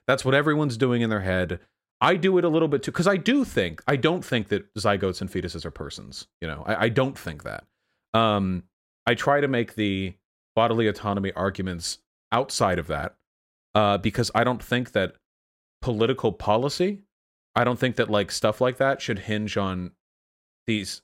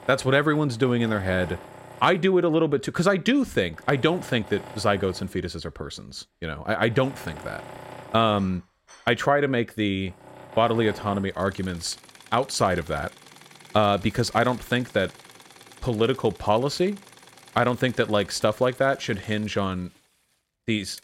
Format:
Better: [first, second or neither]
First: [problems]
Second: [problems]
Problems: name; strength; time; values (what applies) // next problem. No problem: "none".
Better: first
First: none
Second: machinery noise; faint; throughout; 20 dB below the speech